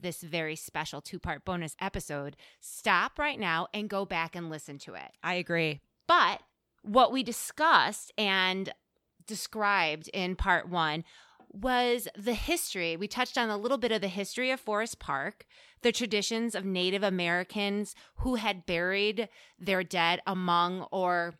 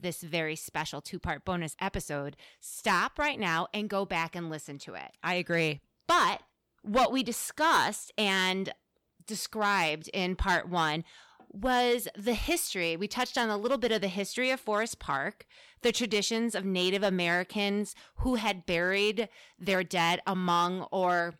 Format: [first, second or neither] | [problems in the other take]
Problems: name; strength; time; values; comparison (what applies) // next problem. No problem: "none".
first | distortion; slight; 2% of the sound clipped